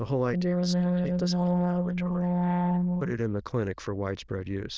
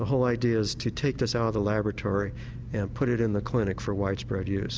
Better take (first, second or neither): second